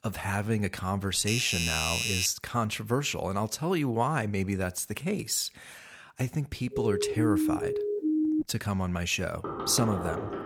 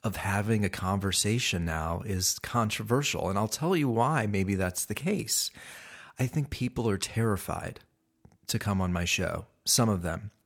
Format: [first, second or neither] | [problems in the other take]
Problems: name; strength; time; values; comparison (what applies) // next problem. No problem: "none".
second | doorbell; loud; from 1 to 2.5 s; peak 2 dB above the speech // siren; loud; from 6.5 to 8.5 s; peak 3 dB above the speech // door banging; noticeable; from 9.5 s on; peak 4 dB below the speech